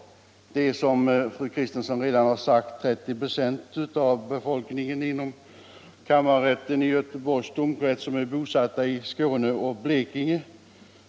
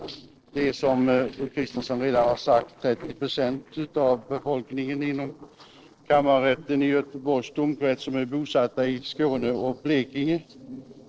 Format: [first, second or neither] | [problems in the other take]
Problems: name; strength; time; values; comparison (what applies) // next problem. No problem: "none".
first | noise reduction (neural separator model SepFormer DNS4)